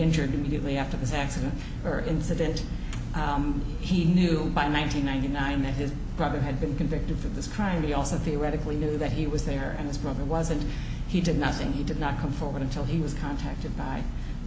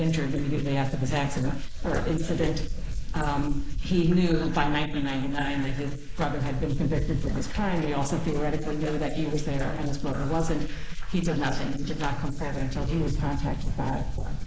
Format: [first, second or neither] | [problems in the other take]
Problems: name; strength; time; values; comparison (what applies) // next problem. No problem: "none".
first | noise reduction (neural mask model Resemble Enhance denoiser)